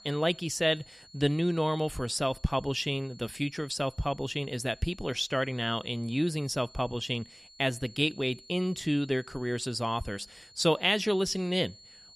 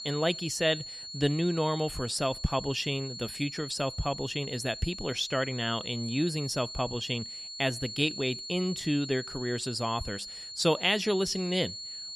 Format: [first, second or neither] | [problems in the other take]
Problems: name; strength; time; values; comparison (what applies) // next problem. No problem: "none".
first | high-pitched whine; loud; throughout; 4.5 kHz, 8 dB below the speech; faint in the first